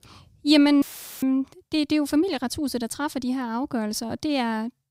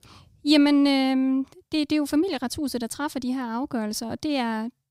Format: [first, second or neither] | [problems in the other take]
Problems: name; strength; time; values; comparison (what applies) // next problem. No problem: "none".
second | audio cutting out; filled with static; at 1 s